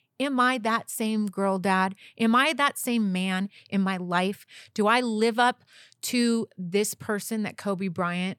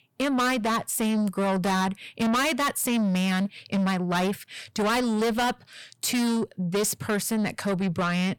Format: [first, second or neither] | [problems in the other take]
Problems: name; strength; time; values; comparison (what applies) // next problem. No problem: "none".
first | distortion; heavy; 6 dB below the speech